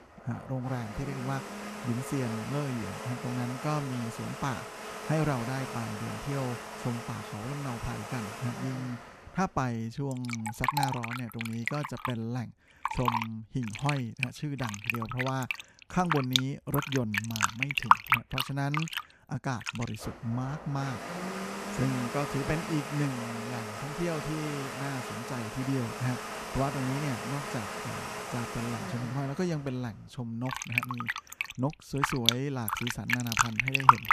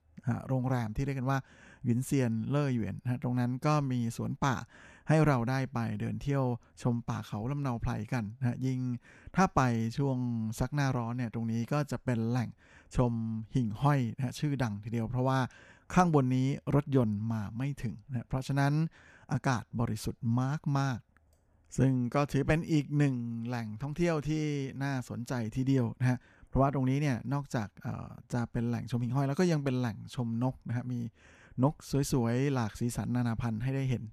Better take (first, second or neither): second